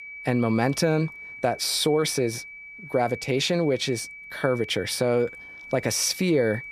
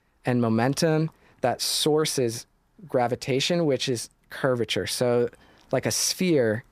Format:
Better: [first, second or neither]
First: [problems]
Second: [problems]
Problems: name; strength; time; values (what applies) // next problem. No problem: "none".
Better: second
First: high-pitched whine; noticeable; throughout; 2.5 kHz, 15 dB below the speech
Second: none